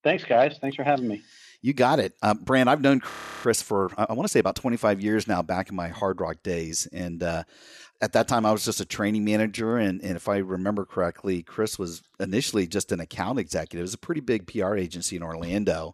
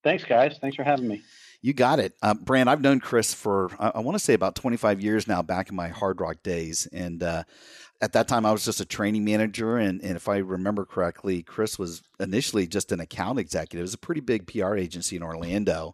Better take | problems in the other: second | audio freezing; at 3 s

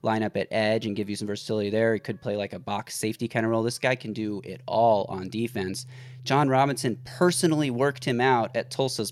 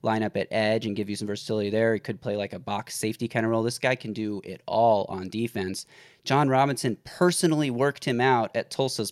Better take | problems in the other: second | background music; faint; throughout; 20 dB below the speech

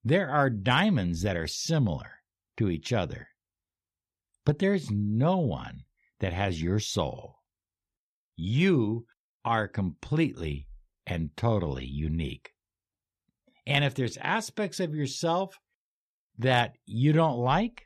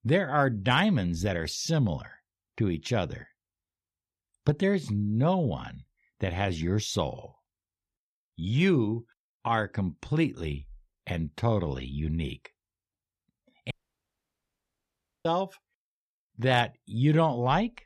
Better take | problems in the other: first | audio cutting out; at 14 s for 1.5 s

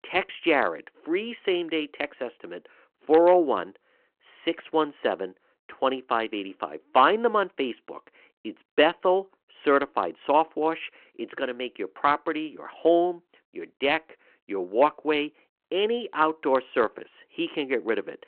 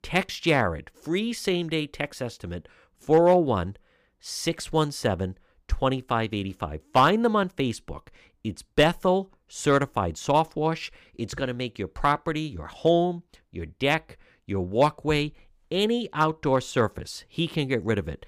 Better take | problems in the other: second | phone-call audio

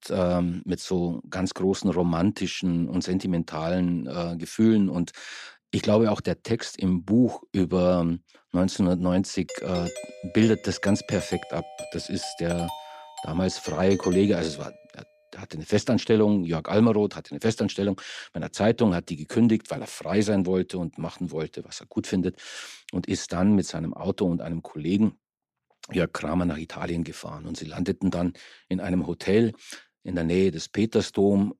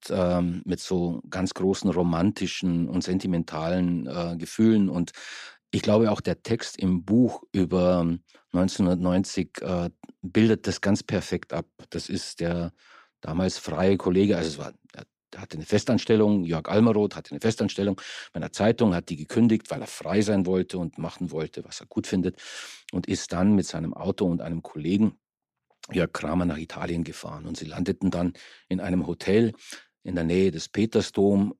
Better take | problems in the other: second | doorbell; faint; from 9.5 to 15 s; peak 10 dB below the speech

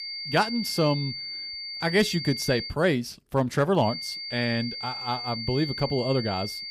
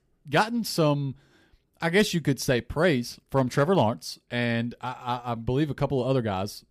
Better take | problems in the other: second | high-pitched whine; loud; until 2.5 s and from 4 s on; 4.5 kHz, 6 dB below the speech

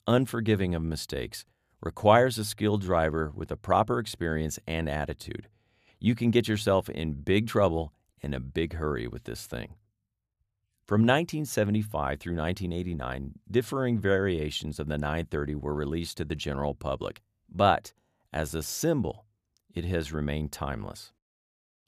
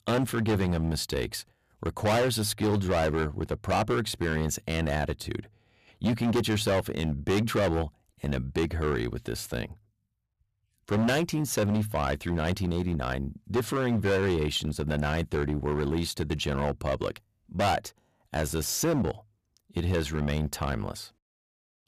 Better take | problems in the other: first | distortion; heavy; 11% of the sound clipped

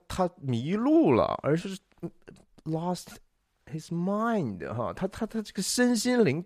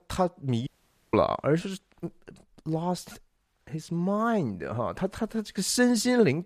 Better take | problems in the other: first | audio cutting out; at 0.5 s

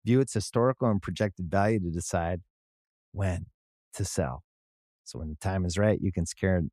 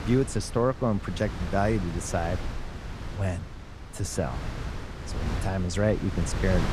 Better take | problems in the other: first | wind noise on the microphone; heavy; 10 dB below the speech

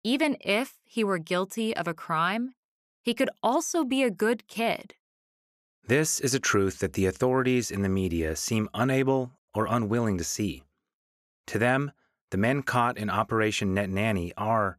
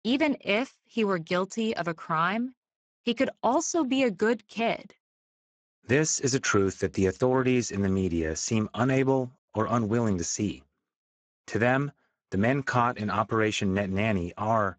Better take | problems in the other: first | garbled, watery; badly; nothing above 7.5 kHz

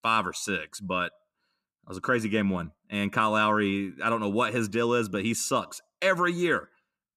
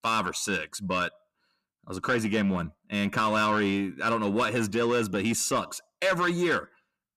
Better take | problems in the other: first | distortion; slight; 10 dB below the speech

